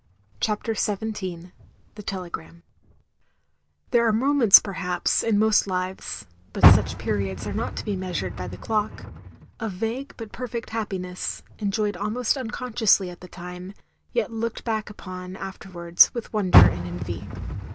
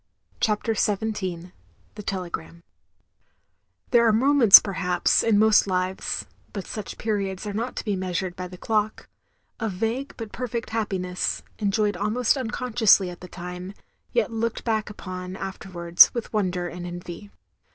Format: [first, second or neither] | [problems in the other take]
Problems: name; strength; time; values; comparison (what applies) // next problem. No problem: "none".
second | background sound (Car); 2 dB below the speech